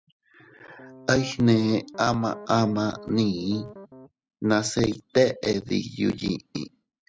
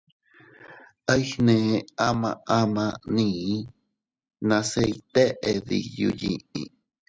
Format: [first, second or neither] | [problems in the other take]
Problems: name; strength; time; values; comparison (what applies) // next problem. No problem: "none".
second | background sound (Piano); 18 dB below the speech